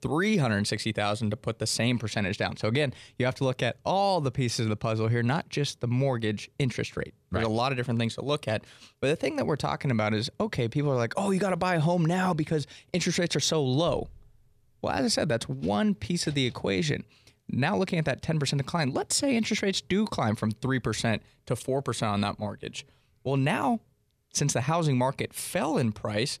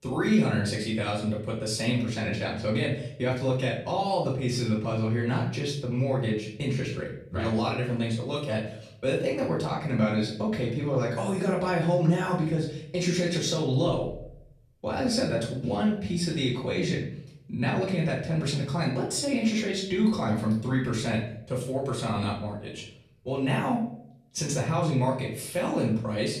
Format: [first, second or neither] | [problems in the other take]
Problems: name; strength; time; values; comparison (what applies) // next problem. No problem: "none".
first | room echo; noticeable; dies away in 0.6 s // off-mic speech; far